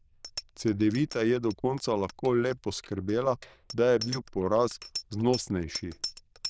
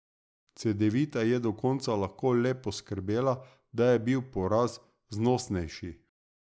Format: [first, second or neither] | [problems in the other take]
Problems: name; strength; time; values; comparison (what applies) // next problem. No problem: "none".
second | noise reduction (neural diffusion model UNIVERSE++)